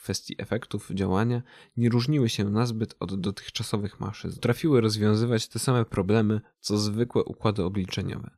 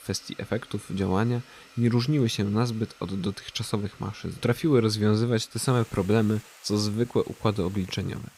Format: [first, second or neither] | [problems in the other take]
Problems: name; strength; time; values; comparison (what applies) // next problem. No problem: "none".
first | household noises; faint; throughout; 25 dB below the speech